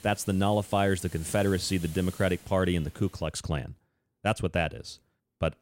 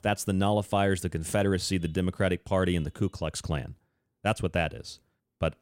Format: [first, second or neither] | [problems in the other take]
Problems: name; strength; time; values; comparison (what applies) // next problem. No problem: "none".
second | hiss; very faint; until 3.5 s; 20 dB below the speech